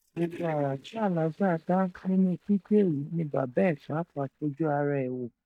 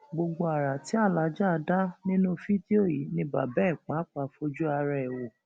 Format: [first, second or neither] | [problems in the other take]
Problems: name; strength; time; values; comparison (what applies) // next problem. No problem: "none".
second | noise reduction (neural mask model DeepFilterNet 3)